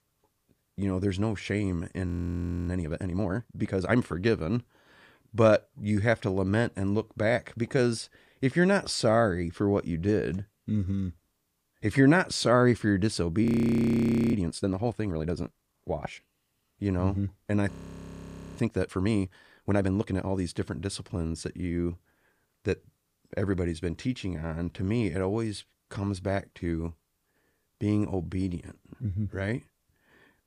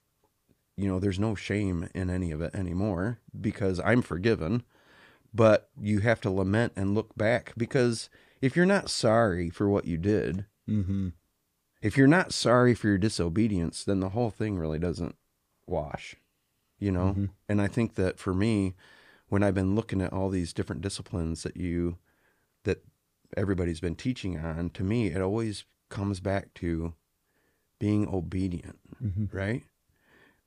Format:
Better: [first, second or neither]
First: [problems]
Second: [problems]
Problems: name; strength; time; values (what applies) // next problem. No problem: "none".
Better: second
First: audio freezing; at 2 s for 0.5 s, at 13 s for 1 s and at 18 s for 1 s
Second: none